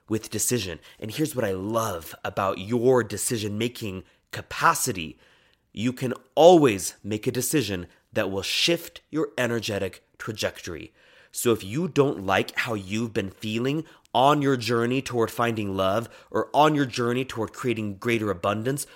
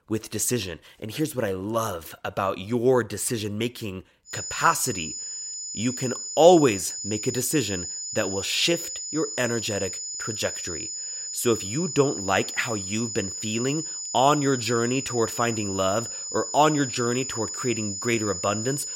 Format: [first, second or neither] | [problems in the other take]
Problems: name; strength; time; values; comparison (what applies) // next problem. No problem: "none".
first | high-pitched whine; loud; from 4.5 s on; 7 kHz, 5 dB below the speech